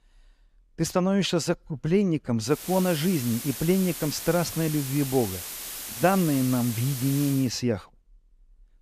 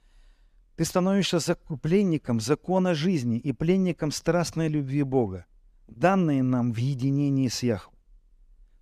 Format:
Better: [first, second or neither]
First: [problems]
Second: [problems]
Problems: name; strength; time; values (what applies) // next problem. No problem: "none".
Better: second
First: hiss; loud; from 2.5 to 7.5 s; 8 dB below the speech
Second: none